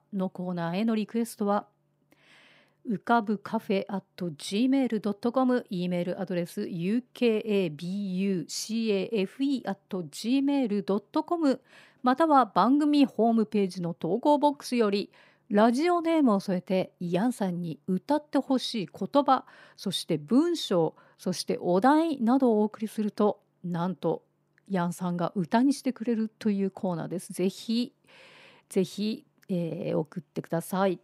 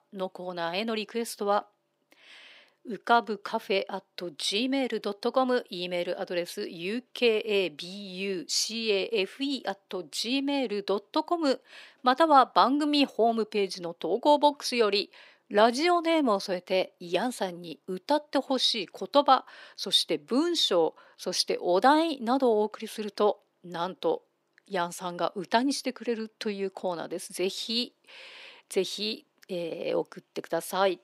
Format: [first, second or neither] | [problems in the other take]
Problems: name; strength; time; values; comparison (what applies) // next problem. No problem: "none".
first | thin; somewhat; fading below 400 Hz